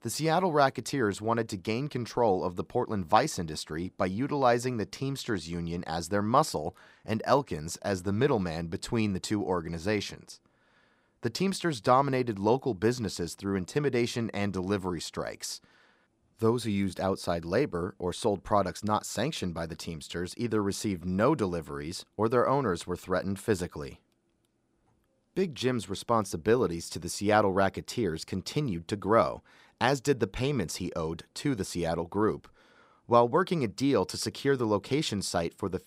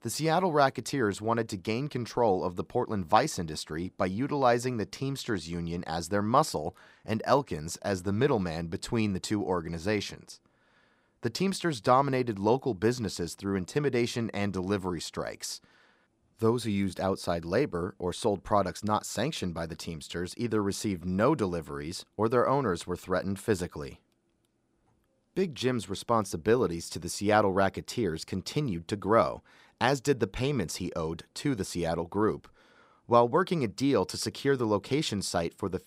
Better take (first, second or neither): neither